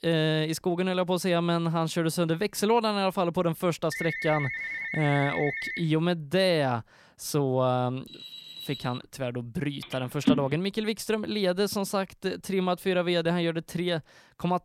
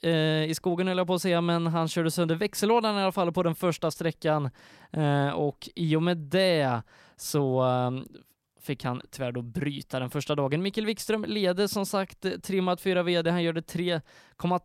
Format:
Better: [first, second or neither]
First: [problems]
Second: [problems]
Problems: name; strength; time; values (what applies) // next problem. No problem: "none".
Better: second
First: phone ringing; noticeable; from 4 to 6 s; peak 4 dB below the speech // alarm; faint; at 8 s; peak 10 dB below the speech // phone ringing; loud; at 10 s; peak 1 dB above the speech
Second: none